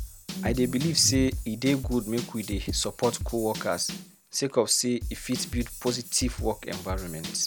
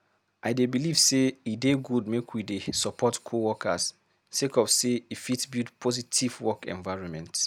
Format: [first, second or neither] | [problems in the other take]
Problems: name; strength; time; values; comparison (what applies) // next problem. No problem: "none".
second | background sound (Drum / Drum kit + Bass guitar); 7 dB below the speech